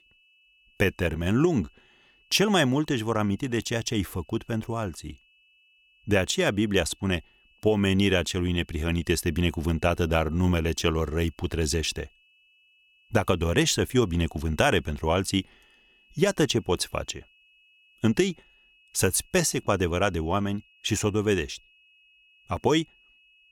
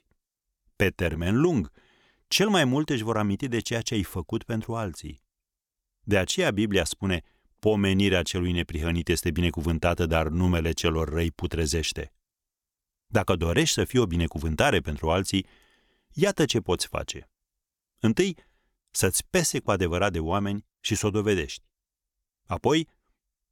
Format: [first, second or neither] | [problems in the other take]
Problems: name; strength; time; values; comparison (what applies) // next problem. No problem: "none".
second | high-pitched whine; faint; throughout; 2.5 kHz, 35 dB below the speech